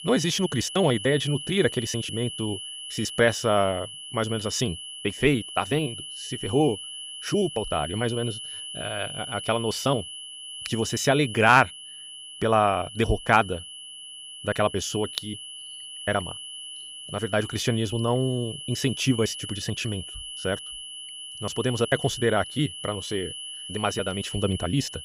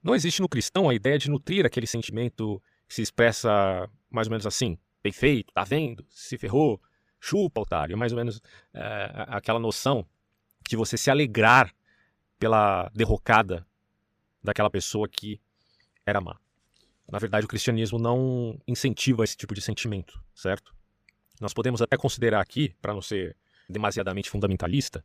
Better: second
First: high-pitched whine; loud; throughout; 3 kHz, 9 dB below the speech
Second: none

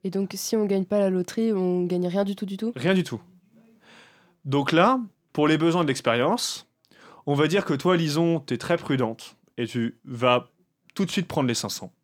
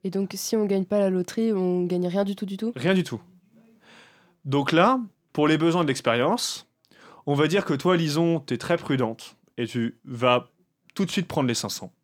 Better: neither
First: none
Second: none

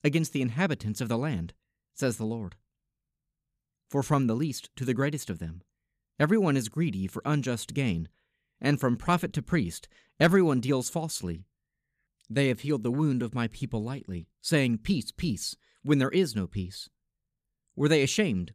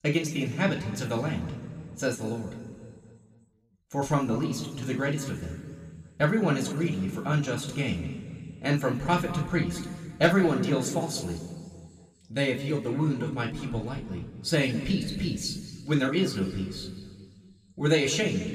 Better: first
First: none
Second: room echo; slight; dies away in 2 s // off-mic speech; somewhat distant

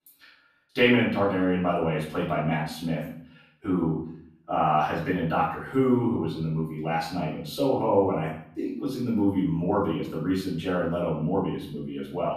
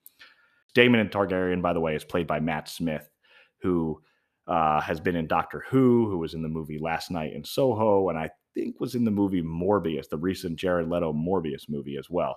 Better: second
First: room echo; noticeable; dies away in 0.6 s // off-mic speech; far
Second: none

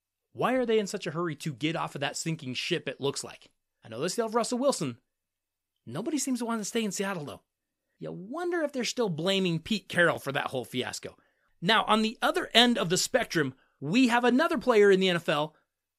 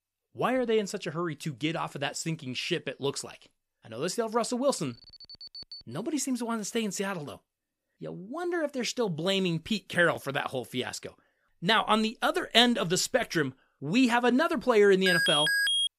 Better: first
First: none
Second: alarm; faint; from 5 to 6 s; peak 15 dB below the speech // alarm; loud; at 15 s; peak 4 dB above the speech

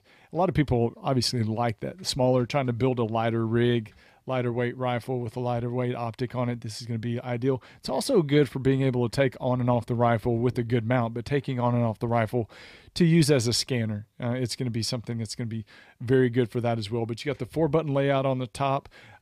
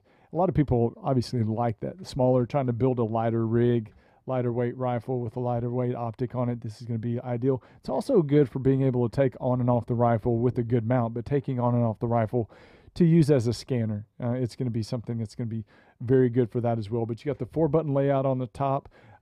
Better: first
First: none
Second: muffled; slightly; fading above 1.5 kHz

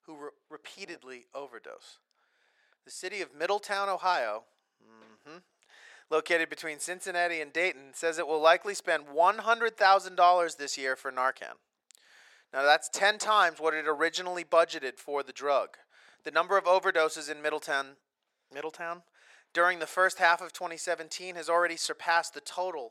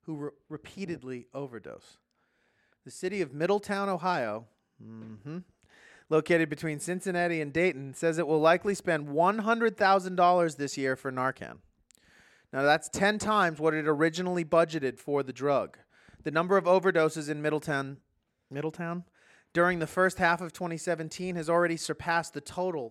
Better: second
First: thin; very; fading below 700 Hz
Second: none

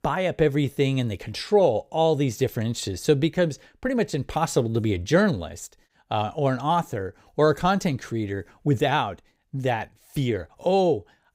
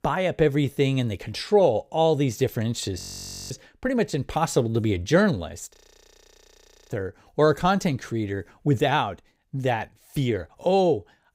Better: first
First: none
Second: audio freezing; at 3 s for 0.5 s and at 6 s for 1 s

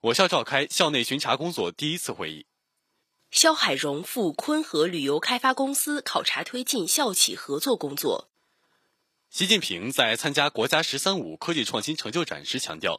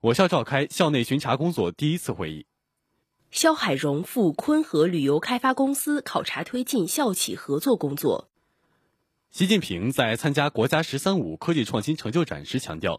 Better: second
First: thin; very slightly; fading below 950 Hz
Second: none

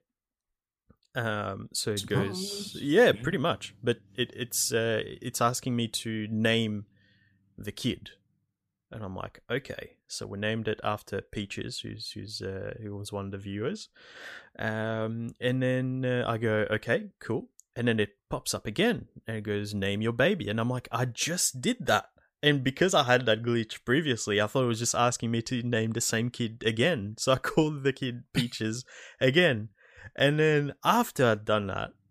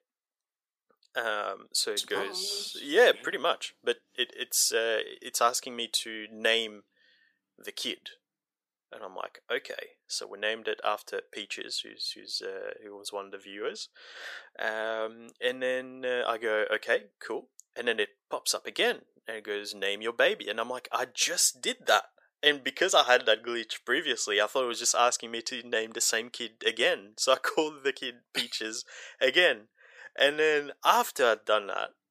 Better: first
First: none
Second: thin; very; fading below 450 Hz

